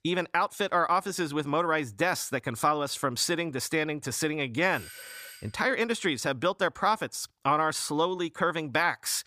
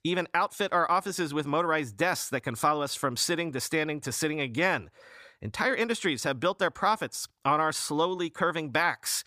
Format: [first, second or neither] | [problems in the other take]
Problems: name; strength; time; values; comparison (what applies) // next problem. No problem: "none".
second | doorbell; faint; at 4.5 s; peak 15 dB below the speech